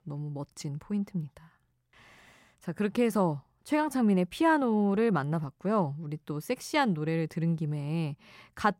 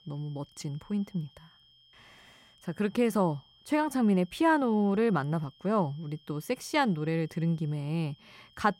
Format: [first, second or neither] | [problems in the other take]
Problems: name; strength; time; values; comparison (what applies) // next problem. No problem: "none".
first | high-pitched whine; faint; throughout; 3 kHz, 30 dB below the speech